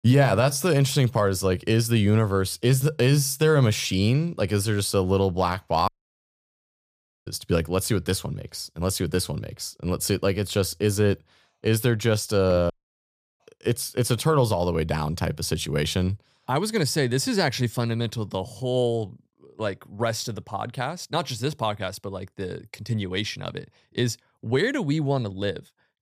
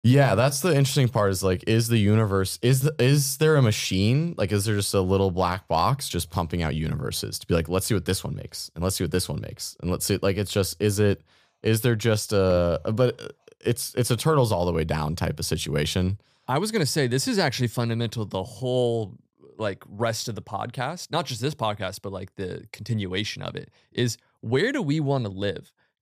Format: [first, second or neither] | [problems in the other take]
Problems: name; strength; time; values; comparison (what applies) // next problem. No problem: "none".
second | audio cutting out; at 6 s for 1.5 s and at 13 s for 0.5 s